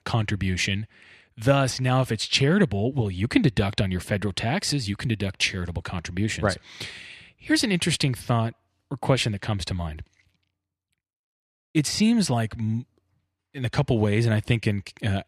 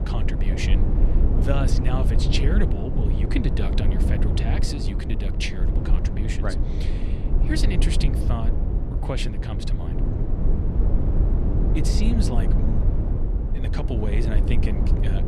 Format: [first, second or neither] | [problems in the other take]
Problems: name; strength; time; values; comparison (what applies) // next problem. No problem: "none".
first | low rumble; loud; throughout; 2 dB below the speech